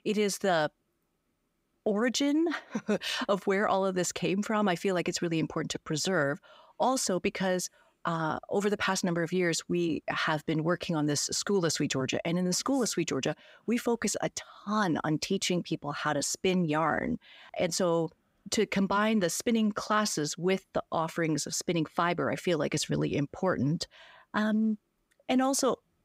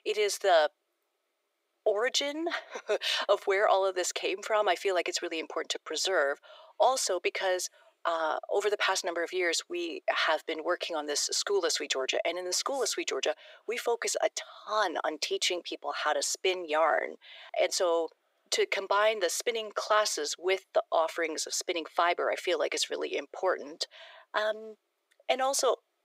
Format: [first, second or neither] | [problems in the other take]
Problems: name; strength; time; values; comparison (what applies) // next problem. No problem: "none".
first | thin; very; fading below 400 Hz